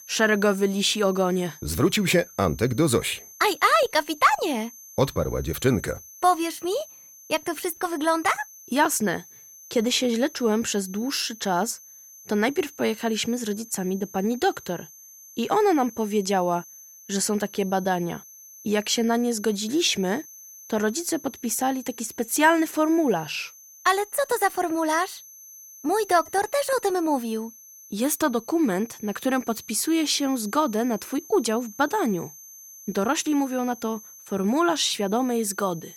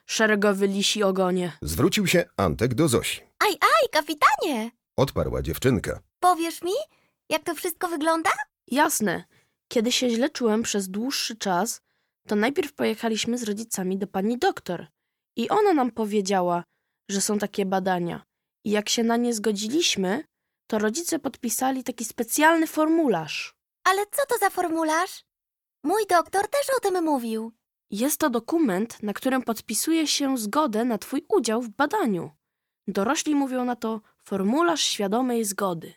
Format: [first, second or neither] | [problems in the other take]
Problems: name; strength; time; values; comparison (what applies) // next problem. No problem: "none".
second | high-pitched whine; noticeable; throughout; 6.5 kHz, 20 dB below the speech